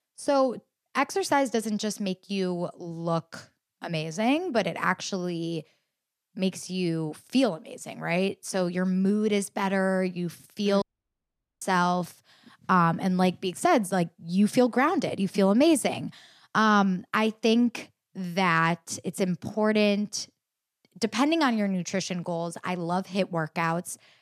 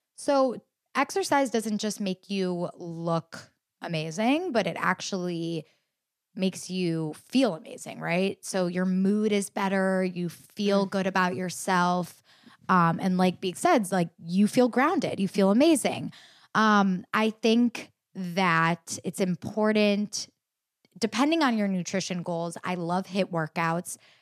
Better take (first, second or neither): second